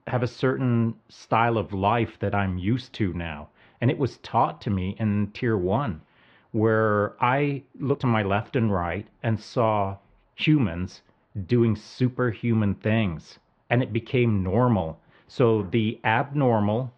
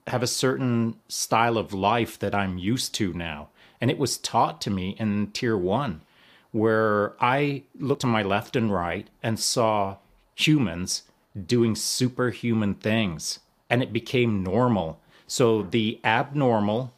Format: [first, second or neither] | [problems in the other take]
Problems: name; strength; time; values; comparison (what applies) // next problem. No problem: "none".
second | muffled; very; fading above 2.5 kHz